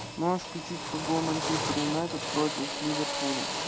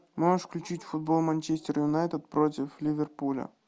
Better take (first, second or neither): second